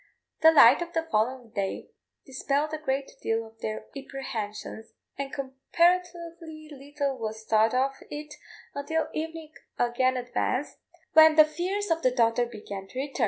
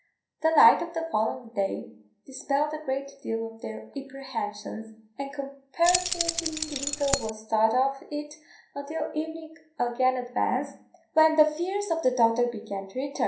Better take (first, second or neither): first